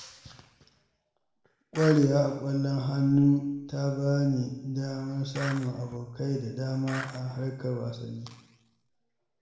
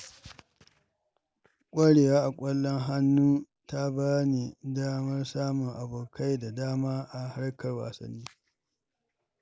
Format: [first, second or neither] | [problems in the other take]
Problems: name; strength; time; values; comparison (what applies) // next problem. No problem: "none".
second | background sound (Skateboard); 11 dB below the speech // room echo; dies away in 0.9 s